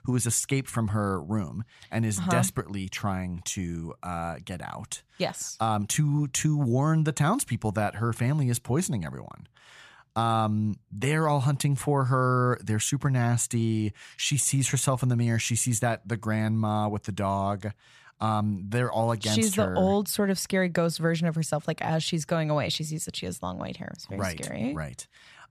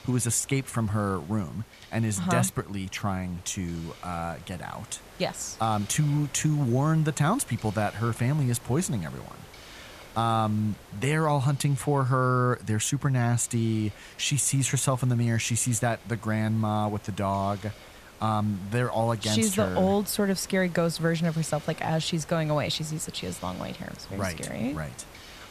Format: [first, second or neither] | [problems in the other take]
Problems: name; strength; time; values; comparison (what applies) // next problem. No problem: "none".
first | hiss; faint; throughout; 20 dB below the speech